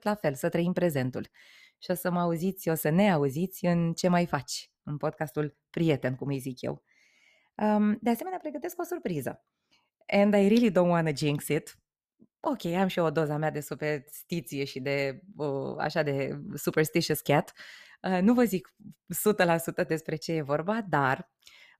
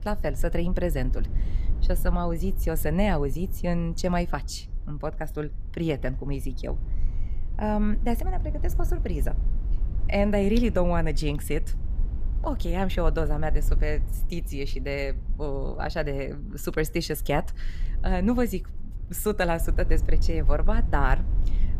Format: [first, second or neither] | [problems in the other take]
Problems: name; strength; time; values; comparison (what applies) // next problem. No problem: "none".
first | low rumble; noticeable; throughout; 20 dB below the speech